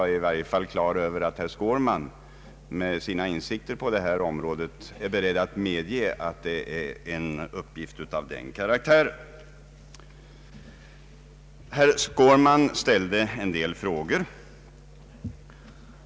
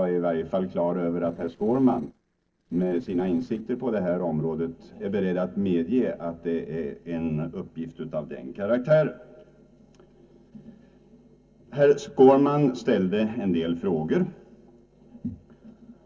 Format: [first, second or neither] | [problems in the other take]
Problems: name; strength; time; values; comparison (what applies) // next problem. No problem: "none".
first | noise reduction (neural separator model SepFormer DNS4)